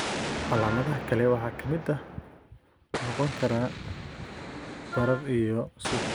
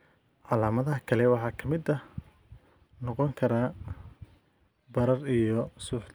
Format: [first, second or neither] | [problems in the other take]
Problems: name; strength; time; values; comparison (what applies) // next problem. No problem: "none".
second | background sound (Wind instrument, woodwind instrument + Explosion); 5 dB below the speech